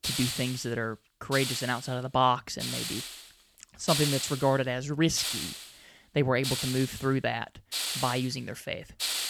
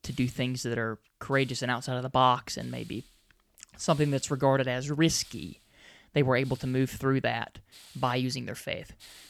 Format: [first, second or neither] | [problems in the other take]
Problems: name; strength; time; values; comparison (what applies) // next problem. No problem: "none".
second | hiss; loud; throughout; 3 dB below the speech; faint in the second